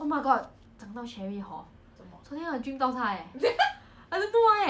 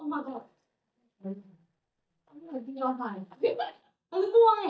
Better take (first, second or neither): first